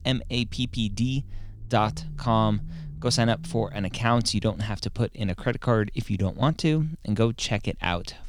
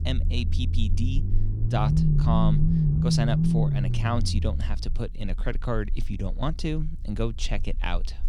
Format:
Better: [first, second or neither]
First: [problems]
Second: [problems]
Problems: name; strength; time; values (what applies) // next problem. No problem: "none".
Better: first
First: low rumble; faint; throughout; 25 dB below the speech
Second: low rumble; loud; throughout; 2 dB below the speech